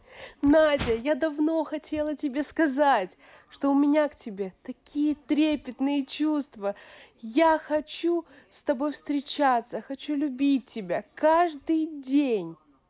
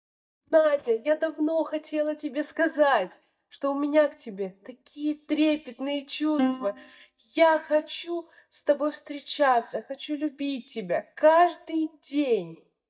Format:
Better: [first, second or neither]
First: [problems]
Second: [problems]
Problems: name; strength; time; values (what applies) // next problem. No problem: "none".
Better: first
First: none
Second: noise reduction (neural mask model DeepFilterNet 3)